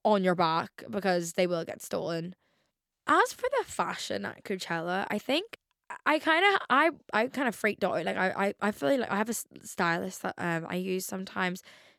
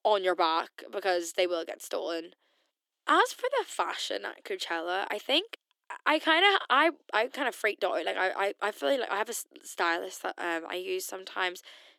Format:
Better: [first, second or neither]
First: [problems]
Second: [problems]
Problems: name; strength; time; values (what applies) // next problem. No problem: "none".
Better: first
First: none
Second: thin; somewhat; fading below 300 Hz